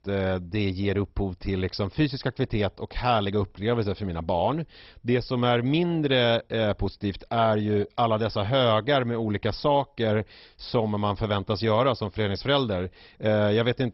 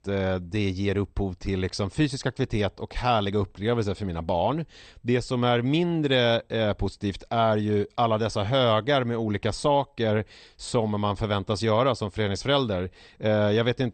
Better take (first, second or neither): second